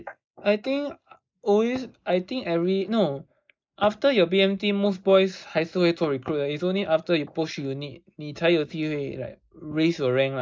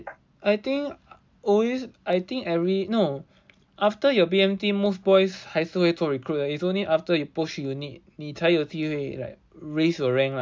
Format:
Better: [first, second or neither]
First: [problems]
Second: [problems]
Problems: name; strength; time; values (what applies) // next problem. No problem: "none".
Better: second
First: noise reduction (neural mask model Resemble Enhance denoiser)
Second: none